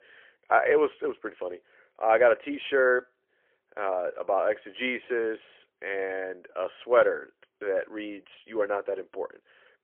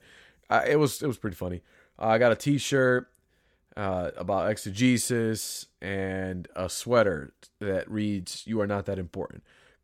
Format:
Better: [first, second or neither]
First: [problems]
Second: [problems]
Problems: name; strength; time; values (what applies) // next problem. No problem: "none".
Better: second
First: phone-call audio; poor line; nothing above 3.5 kHz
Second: none